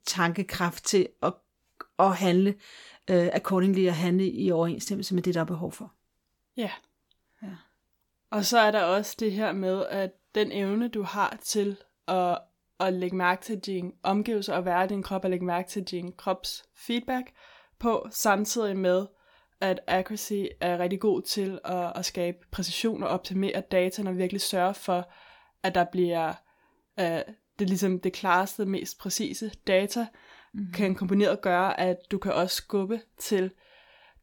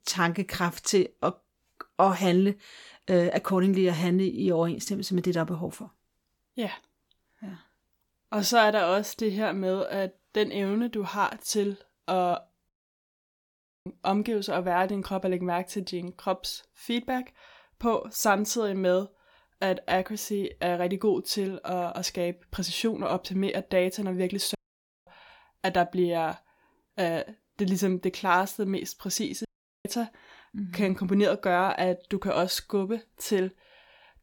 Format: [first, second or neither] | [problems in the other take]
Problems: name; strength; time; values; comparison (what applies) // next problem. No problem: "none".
first | audio cutting out; at 13 s for 1 s, at 25 s for 0.5 s and at 29 s